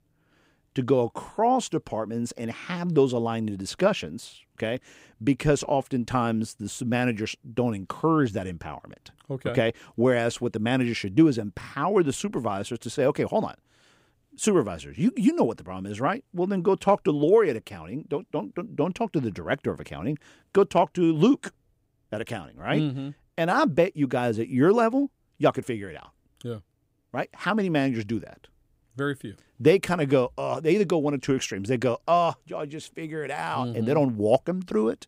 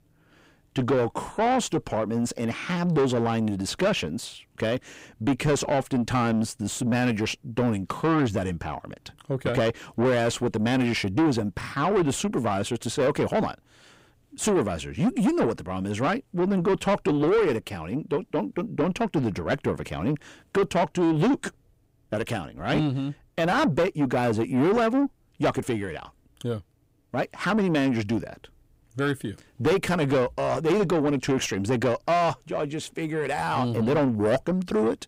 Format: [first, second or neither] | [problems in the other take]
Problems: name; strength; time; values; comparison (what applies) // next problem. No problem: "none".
first | distortion; heavy; 7 dB below the speech